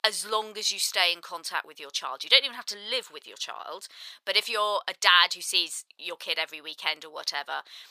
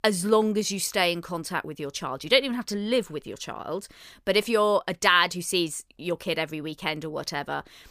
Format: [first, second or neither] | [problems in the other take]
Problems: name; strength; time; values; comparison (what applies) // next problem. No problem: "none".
second | thin; very; fading below 900 Hz